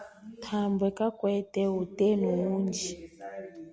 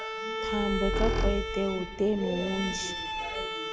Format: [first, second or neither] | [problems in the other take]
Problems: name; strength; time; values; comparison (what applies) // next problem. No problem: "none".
first | background sound (Squeak + Bowed string instrument); as loud as the speech